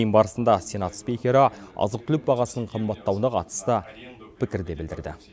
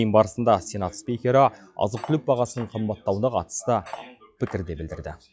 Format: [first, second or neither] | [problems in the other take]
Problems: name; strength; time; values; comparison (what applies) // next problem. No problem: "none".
first | noise reduction (classical method log-MMSE)